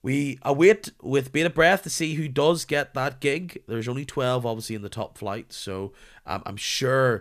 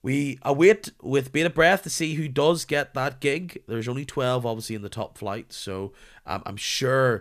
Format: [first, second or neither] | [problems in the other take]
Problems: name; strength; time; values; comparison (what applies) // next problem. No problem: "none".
neither | none